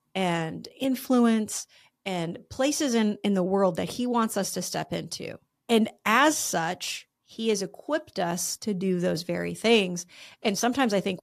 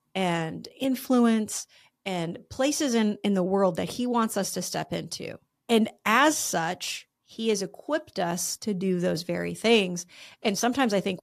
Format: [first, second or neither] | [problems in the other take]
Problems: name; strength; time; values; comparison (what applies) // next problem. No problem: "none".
neither | none